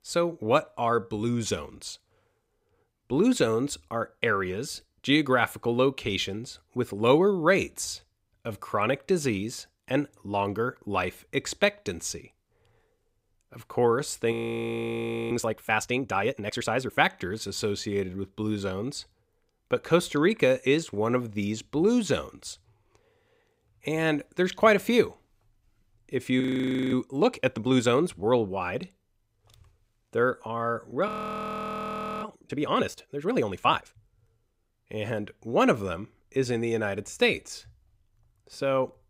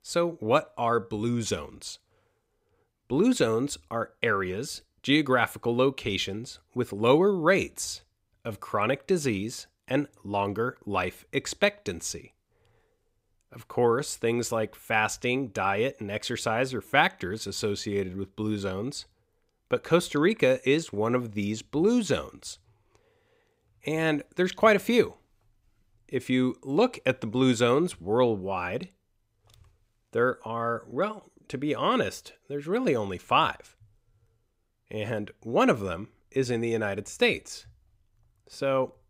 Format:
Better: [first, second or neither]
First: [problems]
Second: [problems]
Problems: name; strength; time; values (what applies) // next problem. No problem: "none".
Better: second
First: audio freezing; at 14 s for 1 s, at 26 s for 0.5 s and at 31 s for 1 s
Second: none